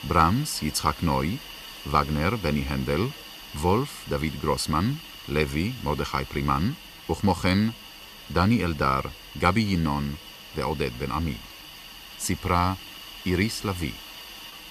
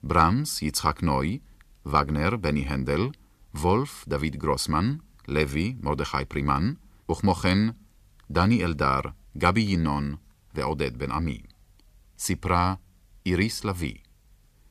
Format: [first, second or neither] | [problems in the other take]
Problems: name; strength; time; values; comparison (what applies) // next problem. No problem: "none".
second | hiss; noticeable; throughout; 15 dB below the speech